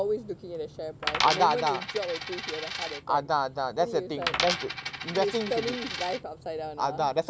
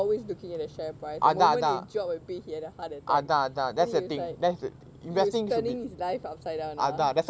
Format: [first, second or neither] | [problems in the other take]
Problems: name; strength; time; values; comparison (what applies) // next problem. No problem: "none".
second | background sound (Coin (dropping)); 4 dB below the speech